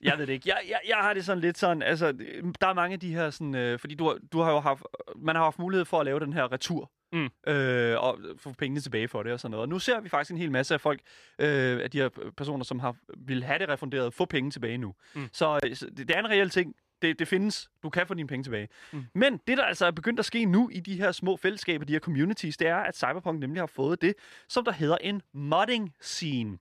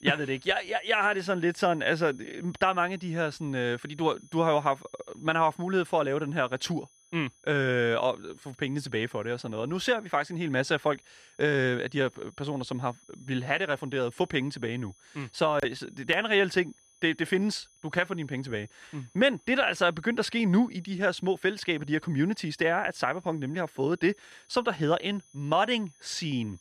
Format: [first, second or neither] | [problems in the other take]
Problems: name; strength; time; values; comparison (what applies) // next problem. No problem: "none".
first | high-pitched whine; faint; throughout; 6 kHz, 30 dB below the speech